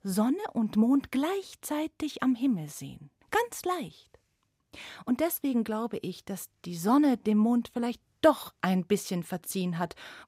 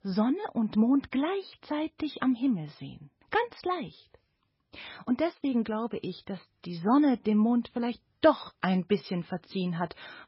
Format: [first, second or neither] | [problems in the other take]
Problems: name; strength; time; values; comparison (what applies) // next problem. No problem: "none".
first | garbled, watery; badly; nothing above 5.5 kHz